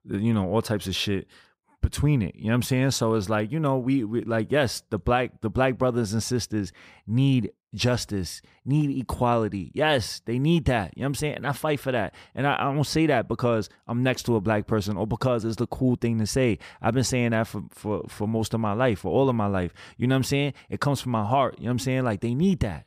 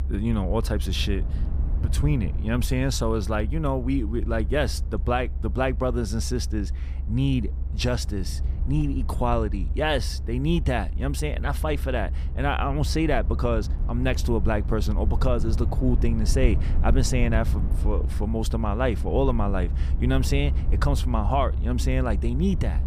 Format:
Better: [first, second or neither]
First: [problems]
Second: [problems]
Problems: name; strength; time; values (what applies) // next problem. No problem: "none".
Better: first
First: none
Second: low rumble; noticeable; throughout; 15 dB below the speech